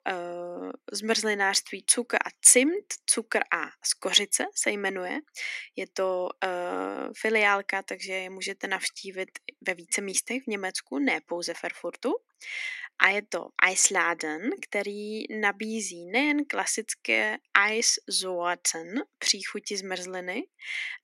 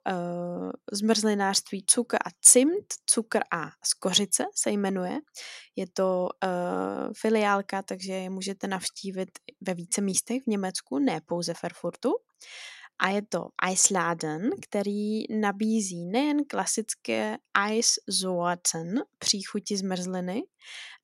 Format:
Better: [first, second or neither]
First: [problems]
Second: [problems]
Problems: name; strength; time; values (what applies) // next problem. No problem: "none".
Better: second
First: thin; very slightly; fading below 250 Hz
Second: none